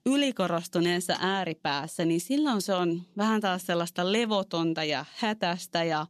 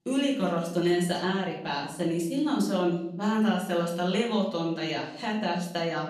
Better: first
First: none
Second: off-mic speech; far // room echo; noticeable; dies away in 0.7 s

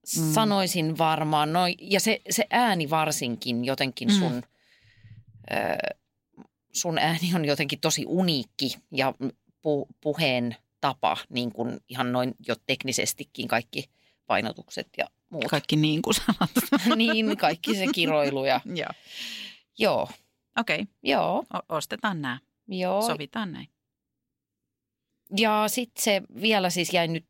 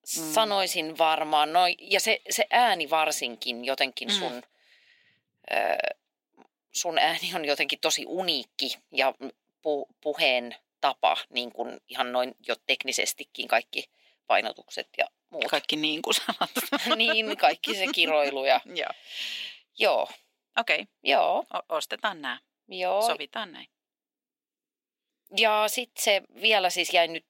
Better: first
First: none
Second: thin; somewhat; fading below 350 Hz

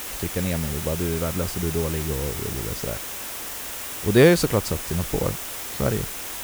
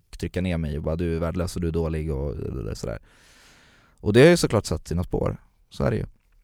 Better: second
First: hiss; loud; throughout; 6 dB below the speech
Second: none

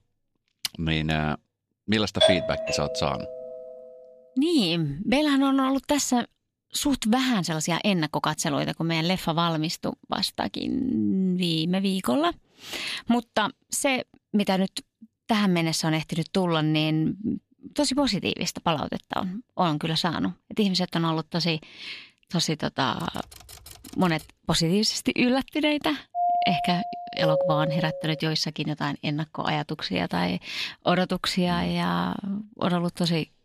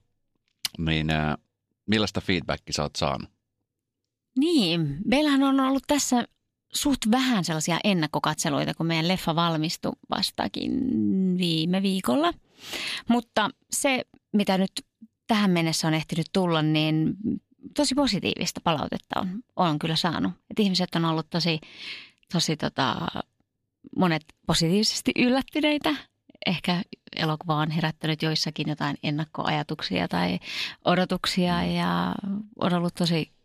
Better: second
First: doorbell; loud; at 2 s and from 26 to 28 s; peak 5 dB above the speech // keyboard typing; faint; from 23 to 24 s; peak 20 dB below the speech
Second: none

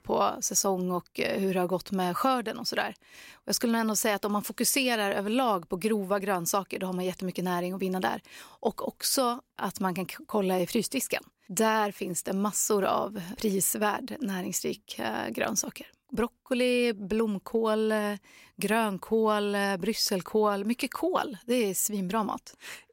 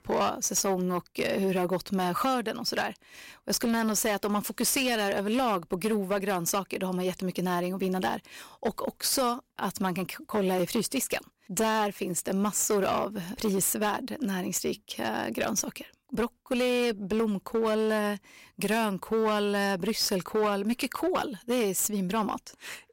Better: first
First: none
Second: distortion; slight; 9% of the sound clipped

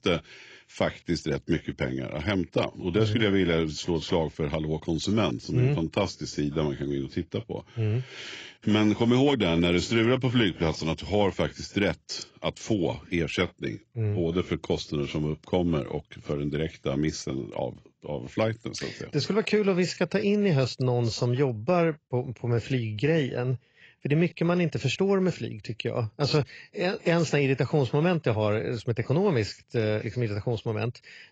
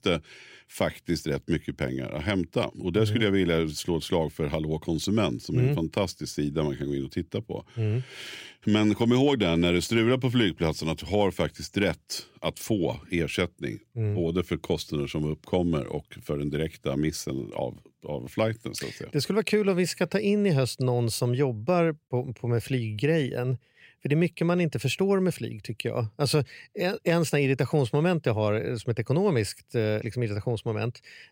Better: second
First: garbled, watery; badly; nothing above 7.5 kHz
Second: none

